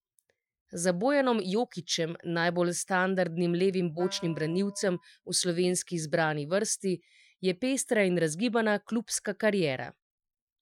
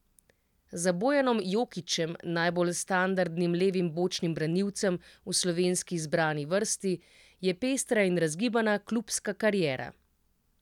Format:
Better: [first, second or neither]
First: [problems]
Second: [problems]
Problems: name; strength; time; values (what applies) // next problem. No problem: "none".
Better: second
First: noise reduction (classical method Wiener filter)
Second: none